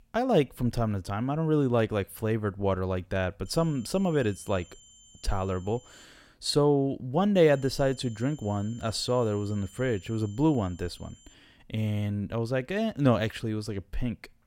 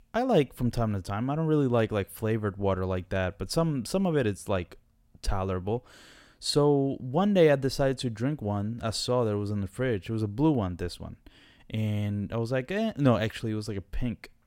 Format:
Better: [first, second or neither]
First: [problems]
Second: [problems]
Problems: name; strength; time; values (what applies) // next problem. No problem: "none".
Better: second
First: high-pitched whine; faint; from 3.5 to 6 s and from 7.5 to 11 s; 3 kHz, 25 dB below the speech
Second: none